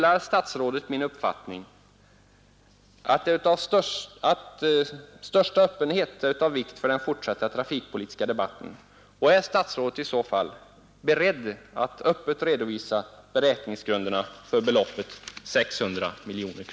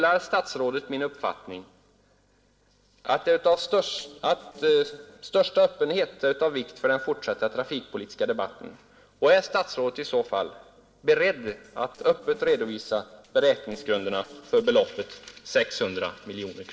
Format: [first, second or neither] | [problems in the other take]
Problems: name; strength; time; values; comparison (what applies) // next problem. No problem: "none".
first | noise reduction (neural separator model SepFormer DNS4)